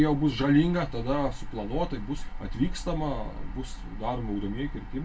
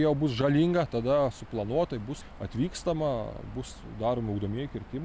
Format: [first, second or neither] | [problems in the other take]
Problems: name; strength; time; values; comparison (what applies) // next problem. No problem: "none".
second | room echo; dies away in 0.2 s